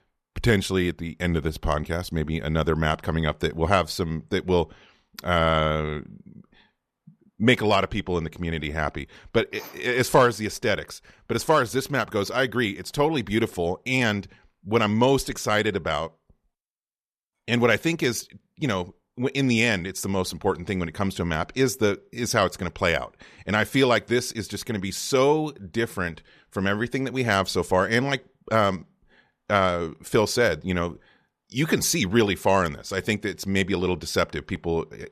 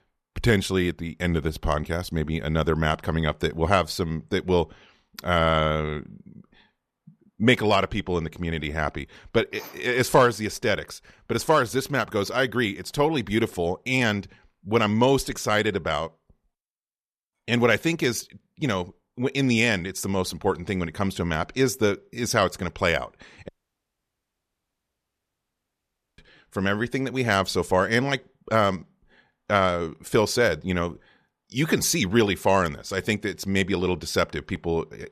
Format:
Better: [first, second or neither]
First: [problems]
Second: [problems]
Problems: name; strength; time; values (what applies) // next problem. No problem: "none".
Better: first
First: none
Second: audio cutting out; at 23 s for 2.5 s